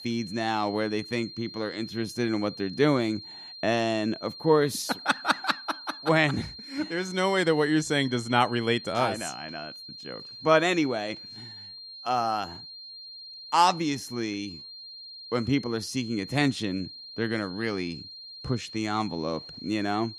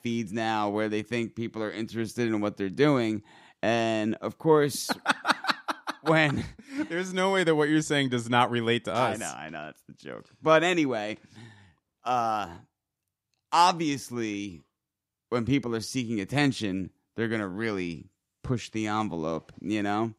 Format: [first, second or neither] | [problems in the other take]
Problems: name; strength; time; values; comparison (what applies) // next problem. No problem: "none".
second | high-pitched whine; noticeable; throughout; 4 kHz, 15 dB below the speech